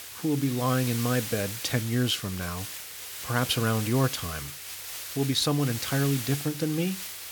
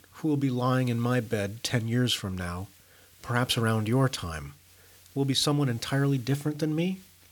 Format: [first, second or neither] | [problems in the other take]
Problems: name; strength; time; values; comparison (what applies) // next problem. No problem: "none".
second | hiss; loud; throughout; 7 dB below the speech; faint in the second